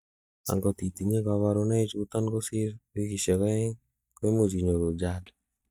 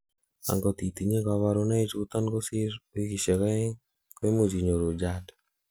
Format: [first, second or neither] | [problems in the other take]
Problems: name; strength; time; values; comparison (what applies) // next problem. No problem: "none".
second | noise reduction (neural mask model DeepFilterNet 3)